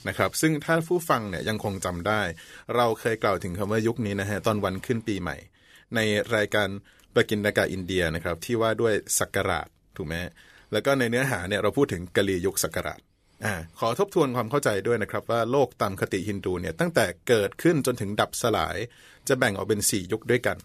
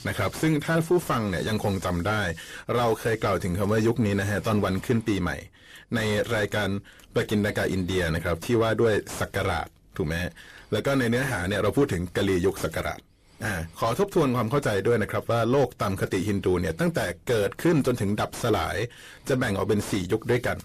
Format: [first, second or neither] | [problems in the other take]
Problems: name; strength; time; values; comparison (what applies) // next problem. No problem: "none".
first | distortion; heavy; 5 dB below the speech